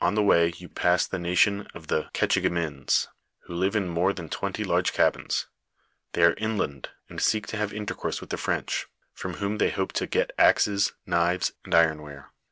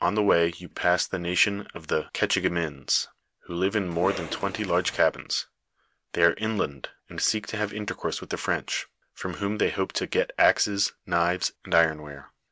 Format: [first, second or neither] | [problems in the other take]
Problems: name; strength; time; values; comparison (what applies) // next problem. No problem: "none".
first | background sound (Cough); 11 dB below the speech